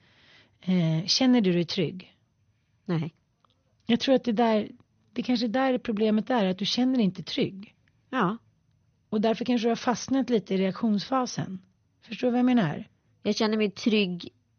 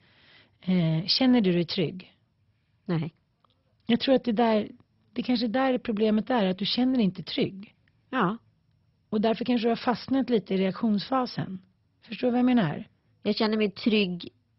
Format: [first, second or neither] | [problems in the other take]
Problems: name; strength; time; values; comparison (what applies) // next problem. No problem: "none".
first | garbled, watery; badly; nothing above 5.5 kHz; slightly in the first